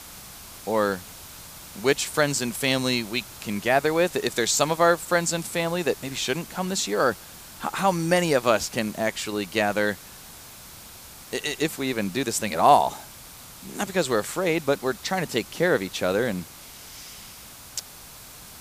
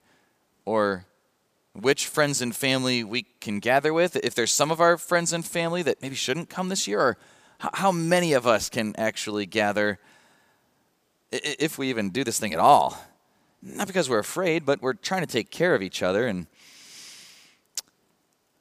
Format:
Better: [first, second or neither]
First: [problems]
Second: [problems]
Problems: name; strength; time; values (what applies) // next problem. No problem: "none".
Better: second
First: hiss; noticeable; throughout; 15 dB below the speech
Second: none